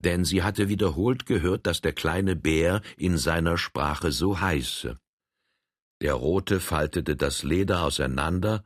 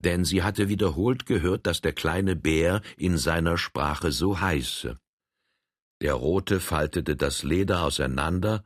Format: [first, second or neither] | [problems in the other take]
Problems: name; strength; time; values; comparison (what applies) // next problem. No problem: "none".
neither | none